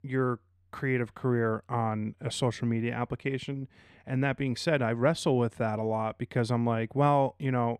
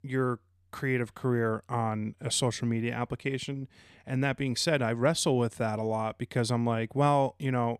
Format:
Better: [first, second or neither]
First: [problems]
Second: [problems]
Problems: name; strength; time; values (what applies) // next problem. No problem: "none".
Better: second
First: muffled; very slightly; fading above 3.5 kHz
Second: none